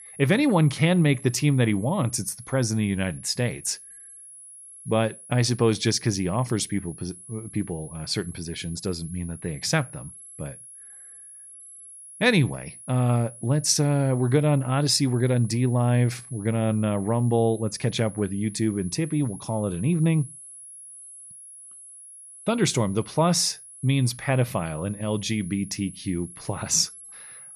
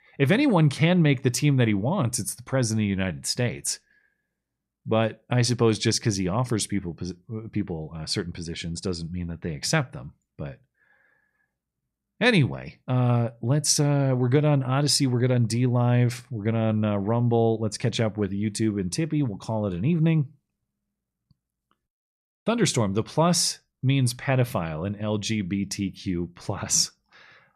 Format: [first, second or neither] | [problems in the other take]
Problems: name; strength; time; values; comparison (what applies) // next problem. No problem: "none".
second | high-pitched whine; noticeable; throughout; 10.5 kHz, 15 dB below the speech